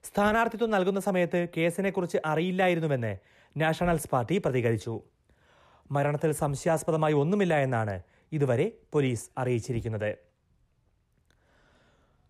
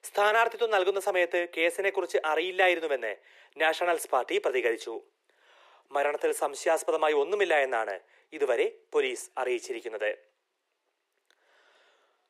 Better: first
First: none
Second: thin; very; fading below 350 Hz

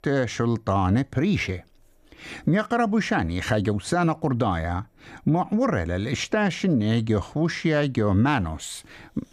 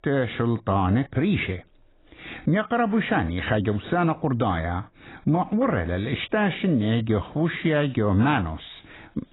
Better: first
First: none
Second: garbled, watery; badly; nothing above 4 kHz

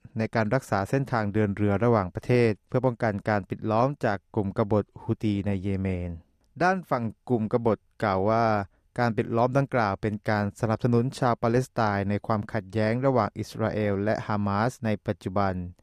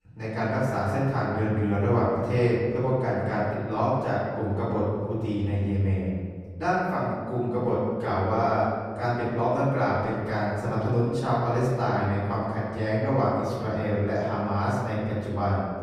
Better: first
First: none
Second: off-mic speech; far // room echo; noticeable; dies away in 1.6 s

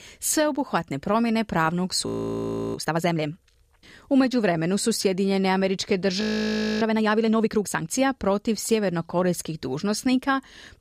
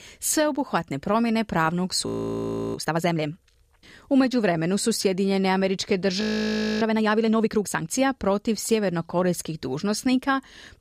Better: neither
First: audio freezing; at 2 s for 0.5 s and at 6 s for 0.5 s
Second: audio freezing; at 2 s for 0.5 s and at 6 s for 0.5 s

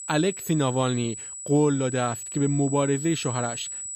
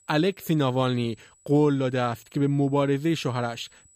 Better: second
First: high-pitched whine; loud; throughout; 8 kHz, 8 dB below the speech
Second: high-pitched whine; faint; throughout; 8 kHz, 30 dB below the speech

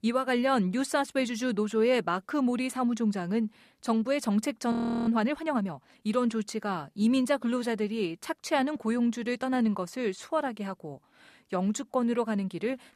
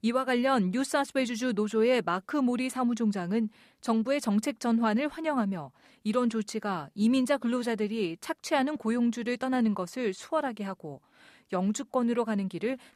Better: second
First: audio freezing; at 4.5 s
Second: none

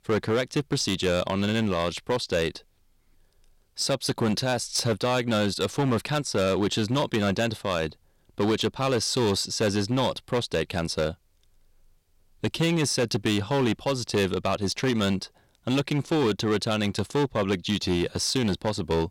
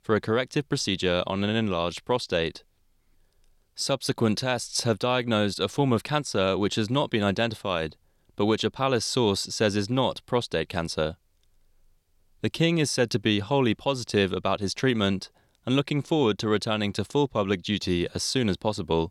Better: second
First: distortion; slight; 10% of the sound clipped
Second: none

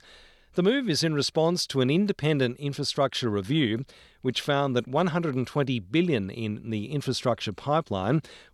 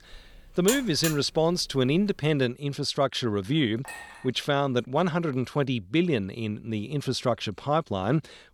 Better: first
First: none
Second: alarm; noticeable; until 1 s; peak 4 dB below the speech // clattering dishes; faint; at 4 s; peak 15 dB below the speech

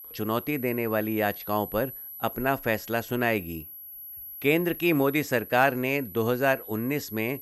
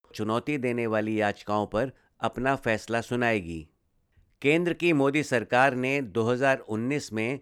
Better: second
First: high-pitched whine; noticeable; throughout; 12 kHz, 10 dB below the speech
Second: none

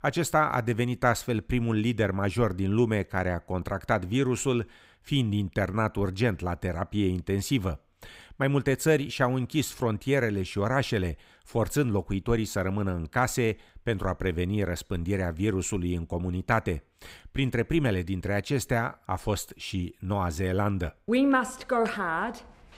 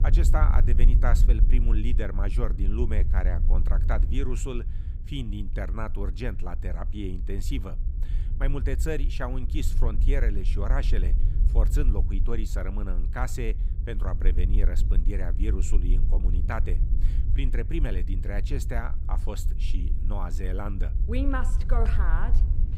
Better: first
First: none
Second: low rumble; noticeable; throughout; 10 dB below the speech

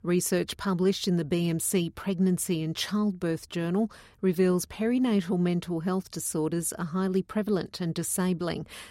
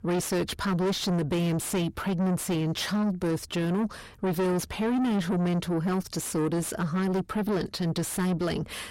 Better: first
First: none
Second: distortion; heavy; 7 dB below the speech

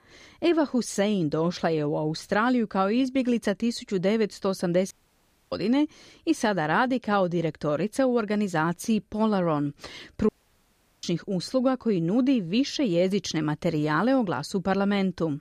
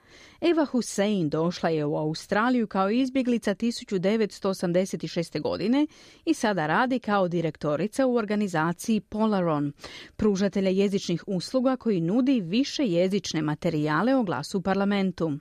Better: second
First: audio cutting out; at 5 s for 0.5 s and at 10 s for 0.5 s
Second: none

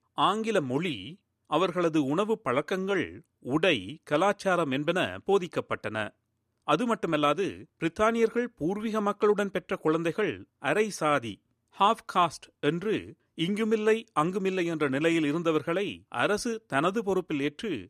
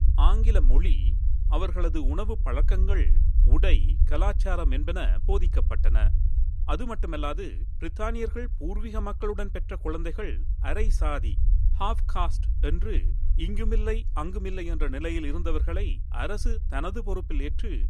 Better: first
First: none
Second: low rumble; noticeable; throughout; 15 dB below the speech

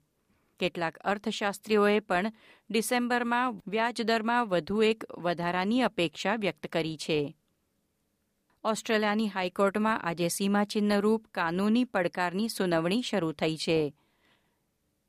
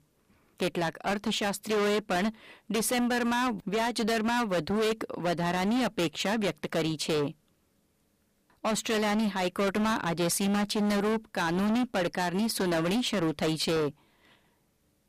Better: first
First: none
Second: distortion; heavy; 23% of the sound clipped

